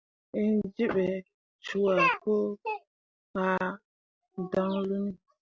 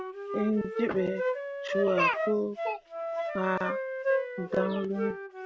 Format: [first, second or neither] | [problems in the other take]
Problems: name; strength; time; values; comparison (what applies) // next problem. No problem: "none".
first | background sound (Wind instrument, woodwind instrument + Wind instrument, woodwind instrument); 2 dB below the speech